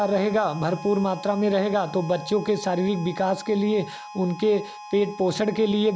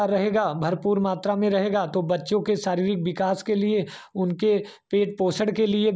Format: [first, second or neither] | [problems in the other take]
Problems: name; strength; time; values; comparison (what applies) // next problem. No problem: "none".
second | background sound (Harmonica); 16 dB below the speech